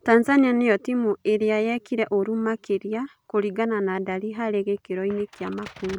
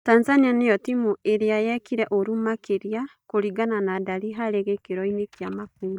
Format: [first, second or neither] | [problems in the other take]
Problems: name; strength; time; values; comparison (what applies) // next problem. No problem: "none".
first | noise reduction (neural mask model DeepFilterNet 3)